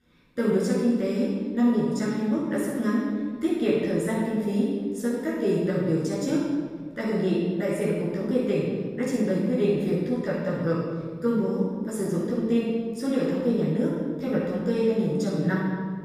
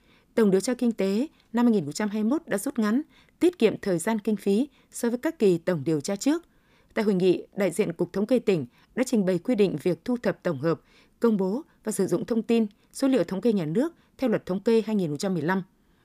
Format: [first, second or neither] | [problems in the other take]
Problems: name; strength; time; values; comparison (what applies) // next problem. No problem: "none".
second | room echo; strong; dies away in 1.7 s // off-mic speech; far